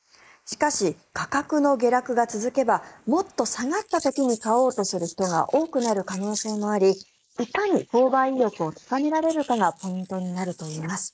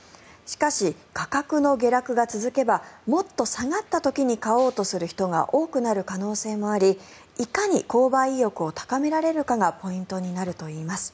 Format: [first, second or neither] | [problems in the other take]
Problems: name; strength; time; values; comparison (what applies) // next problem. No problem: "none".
second | noise reduction (neural mask model Resemble Enhance denoiser)